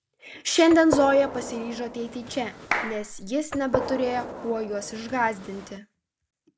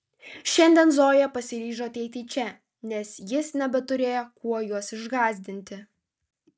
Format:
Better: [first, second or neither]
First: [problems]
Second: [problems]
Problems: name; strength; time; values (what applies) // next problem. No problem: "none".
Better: second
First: background sound (Gunshot, gunfire + Clapping); 8 dB below the speech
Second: none